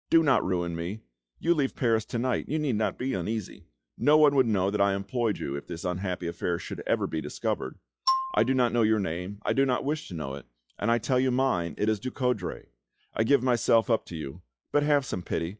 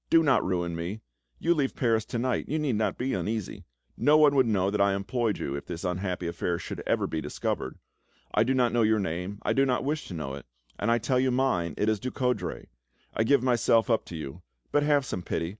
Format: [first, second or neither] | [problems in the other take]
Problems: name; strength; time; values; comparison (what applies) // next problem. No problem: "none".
second | noise reduction (classical method log-MMSE)